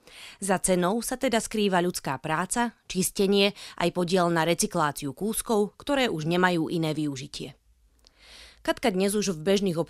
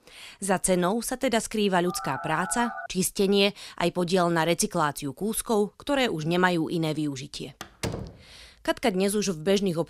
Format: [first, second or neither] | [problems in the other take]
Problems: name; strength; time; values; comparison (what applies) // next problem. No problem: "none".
first | phone ringing; noticeable; at 2 s; peak 9 dB below the speech // door banging; noticeable; at 7.5 s; peak 8 dB below the speech